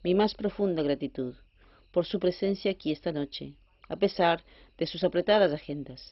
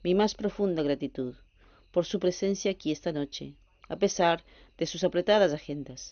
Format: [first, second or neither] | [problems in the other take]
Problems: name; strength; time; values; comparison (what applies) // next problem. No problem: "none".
second | garbled, watery; badly; nothing above 5.5 kHz; slightly in the second